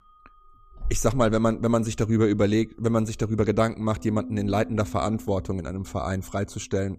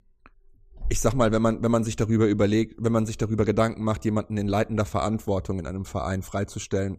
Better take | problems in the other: second | background music; noticeable; throughout; 15 dB below the speech

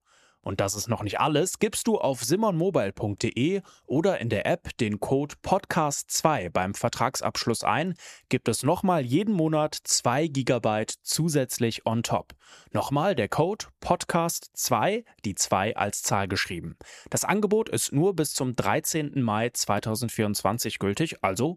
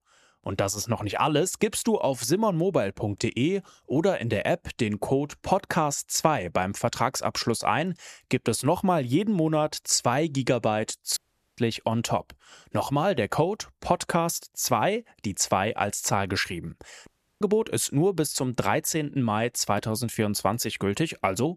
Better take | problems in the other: first | audio cutting out; at 11 s and at 17 s

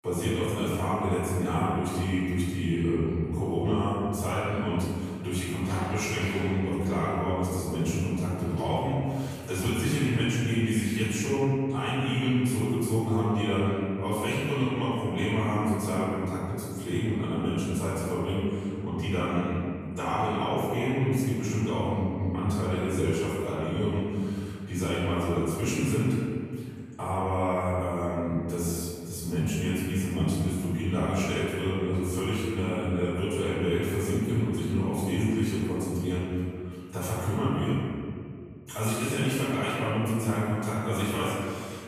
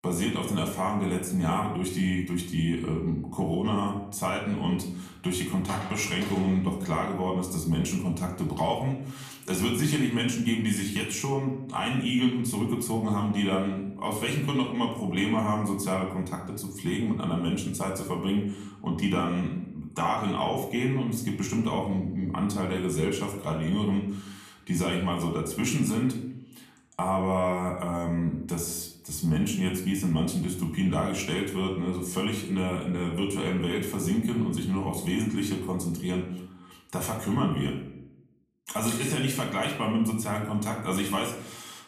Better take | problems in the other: second | room echo; strong; dies away in 2.2 s; slight in the second // off-mic speech; far; somewhat distant in the second

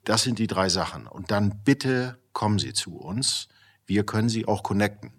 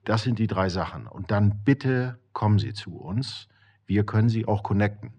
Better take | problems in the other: first | muffled; slightly; fading above 2.5 kHz

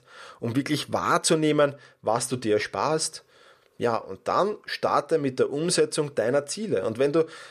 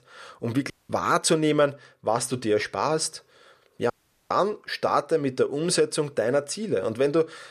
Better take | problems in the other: first | audio cutting out; at 0.5 s and at 4 s

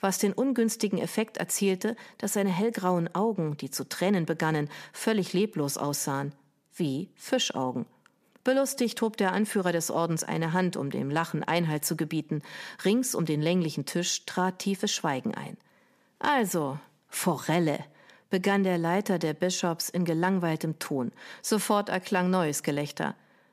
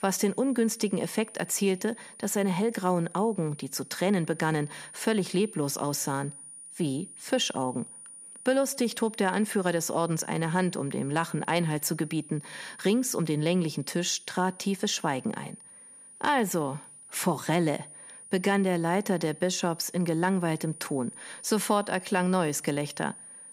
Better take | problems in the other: first | high-pitched whine; noticeable; throughout; 9.5 kHz, 15 dB below the speech

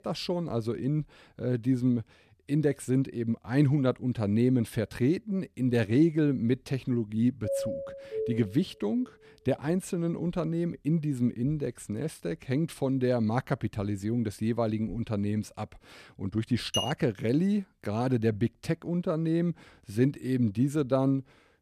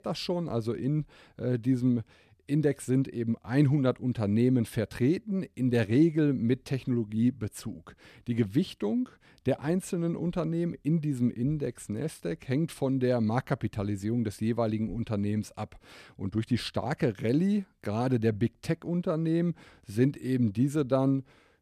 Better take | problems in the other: second | doorbell; noticeable; from 7.5 to 8.5 s; peak 3 dB below the speech // clattering dishes; noticeable; at 17 s; peak 3 dB below the speech

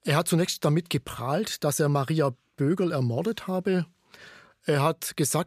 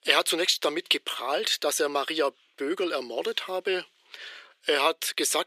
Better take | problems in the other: first | thin; very; fading below 350 Hz

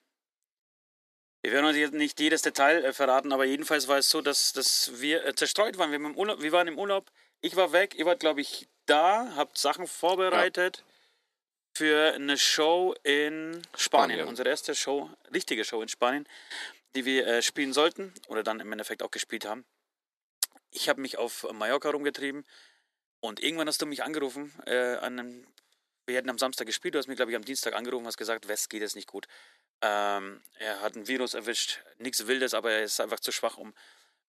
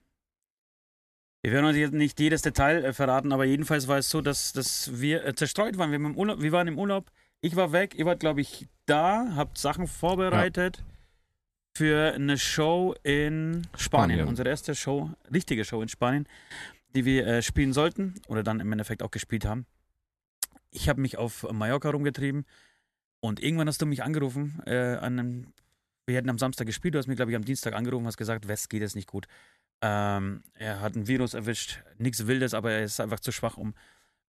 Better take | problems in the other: second | thin; somewhat; fading below 350 Hz

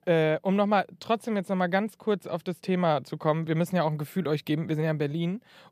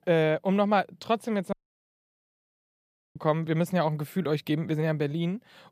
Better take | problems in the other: first | audio cutting out; at 1.5 s for 1.5 s

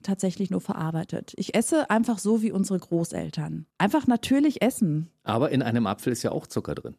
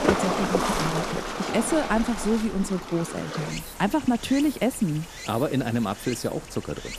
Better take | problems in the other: first | rain or running water; loud; throughout; 4 dB below the speech

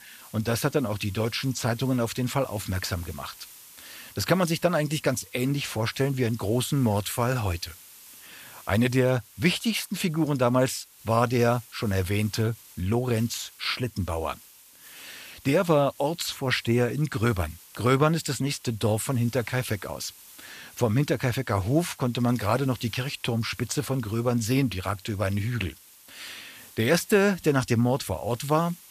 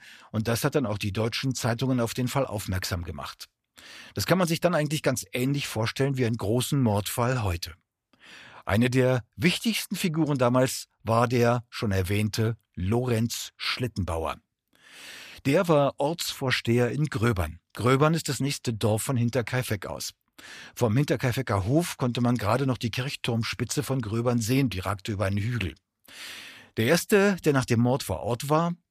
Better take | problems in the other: second | hiss; faint; throughout; 20 dB below the speech

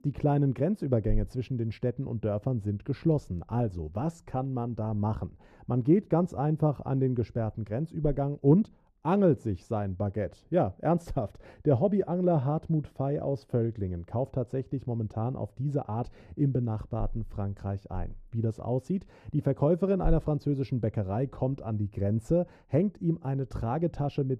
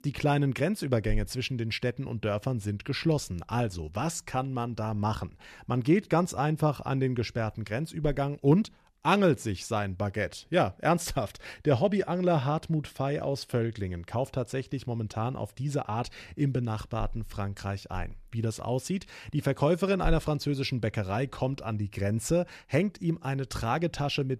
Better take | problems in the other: second | muffled; very; fading above 1 kHz

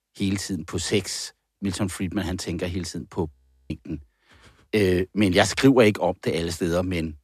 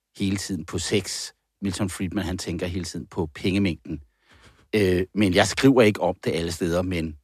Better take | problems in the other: second | audio freezing; at 3.5 s

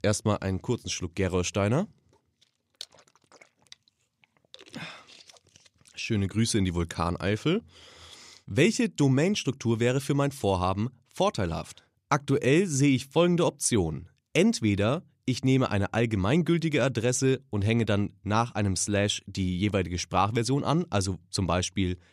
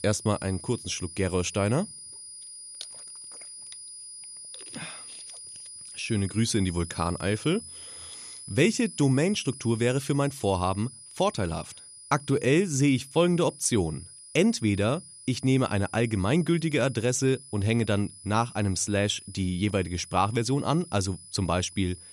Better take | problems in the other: first | high-pitched whine; noticeable; throughout; 9.5 kHz, 15 dB below the speech

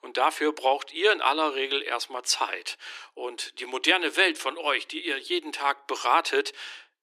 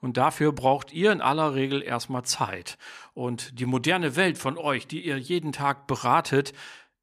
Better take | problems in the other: second | thin; very; fading below 300 Hz

